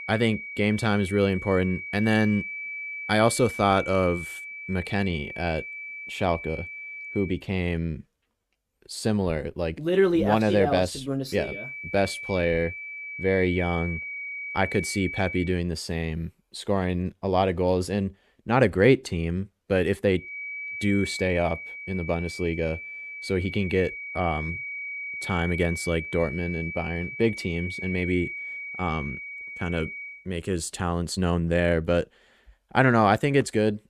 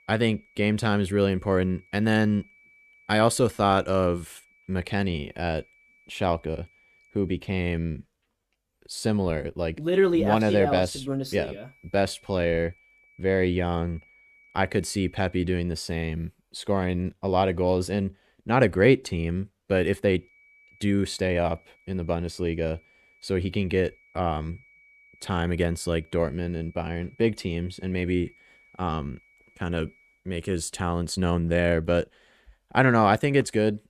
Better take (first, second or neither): second